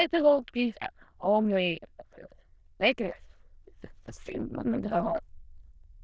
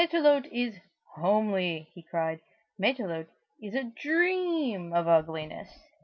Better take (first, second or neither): second